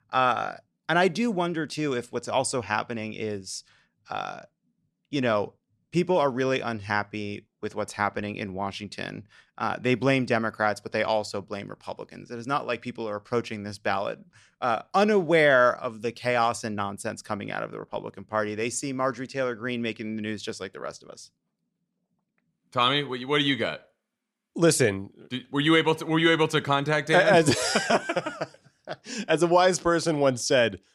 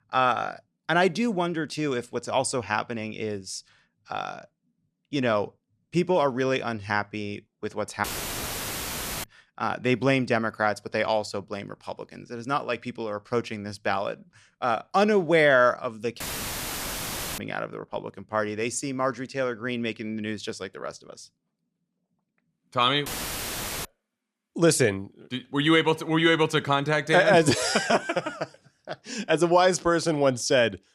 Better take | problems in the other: first | audio cutting out; filled with static; at 8 s for 1 s, at 16 s for 1 s and at 23 s for 1 s

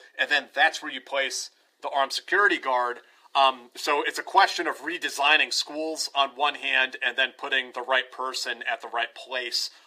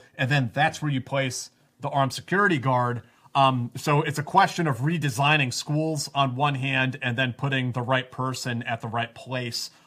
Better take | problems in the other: second | thin; very; fading below 350 Hz

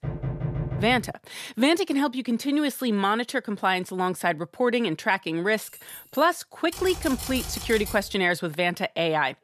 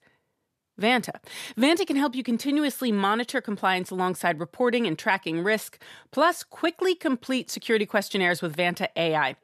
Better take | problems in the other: second | door banging; noticeable; until 1 s; peak 5 dB below the speech // jangling keys; faint; at 5.5 s; peak 15 dB below the speech // keyboard typing; noticeable; from 6.5 to 8 s; peak 8 dB below the speech

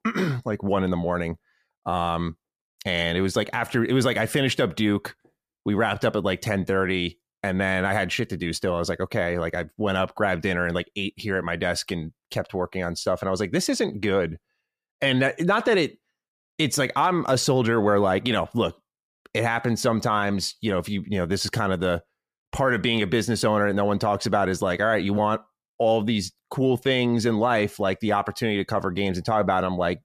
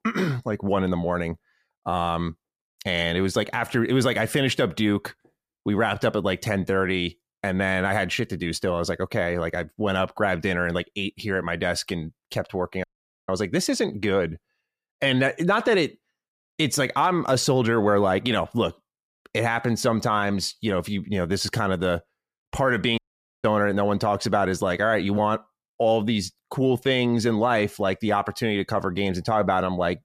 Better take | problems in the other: first | audio cutting out; at 13 s and at 23 s

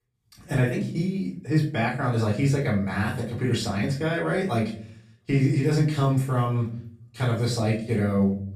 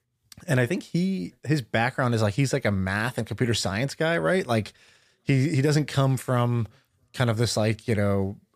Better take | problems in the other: second | off-mic speech; far // room echo; slight; dies away in 0.5 s

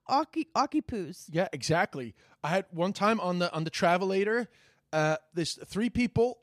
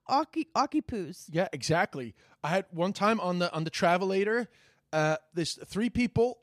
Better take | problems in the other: neither | none

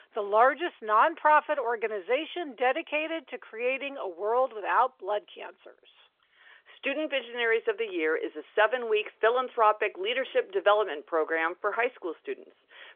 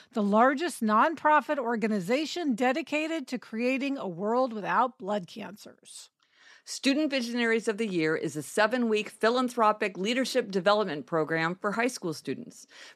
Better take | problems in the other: second | phone-call audio; nothing above 3.5 kHz

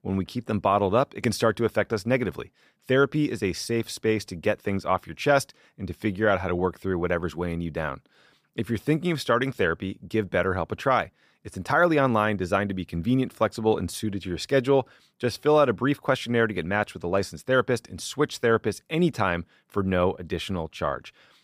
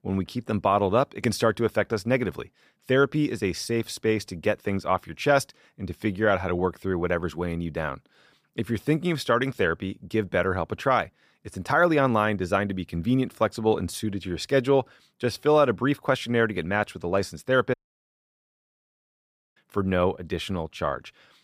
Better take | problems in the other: first | audio cutting out; at 18 s for 2 s

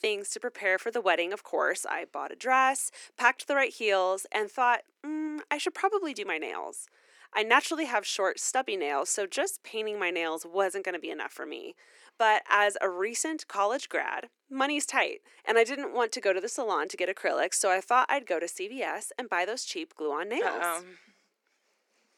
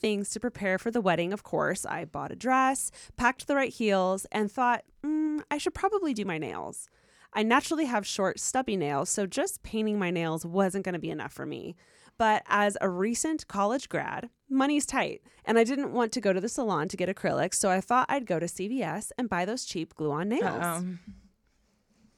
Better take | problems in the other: second | thin; somewhat; fading below 350 Hz

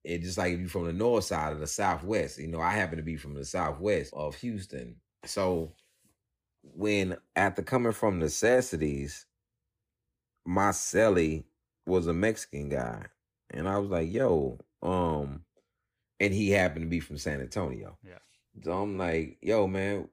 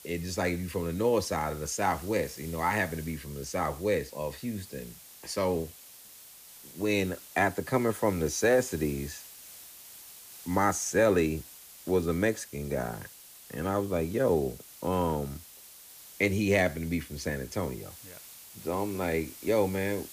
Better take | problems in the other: first | hiss; noticeable; throughout; 15 dB below the speech

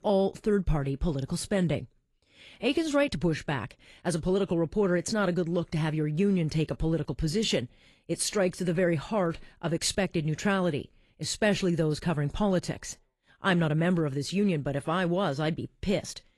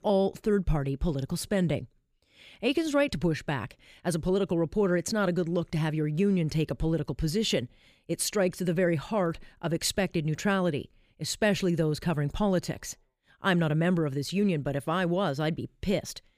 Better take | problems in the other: second | garbled, watery; slightly; nothing above 11.5 kHz

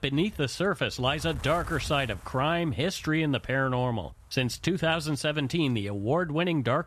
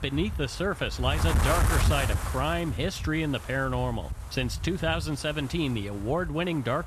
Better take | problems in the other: first | wind noise on the microphone; heavy; 5 dB below the speech; occasional gusts in the first

